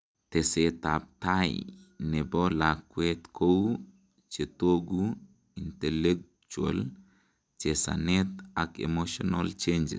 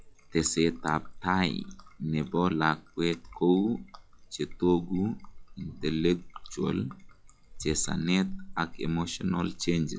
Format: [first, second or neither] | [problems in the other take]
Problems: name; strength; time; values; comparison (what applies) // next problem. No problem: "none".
first | noise reduction (classical method log-MMSE)